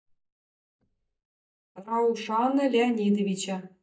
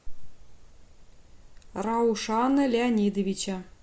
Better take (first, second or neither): second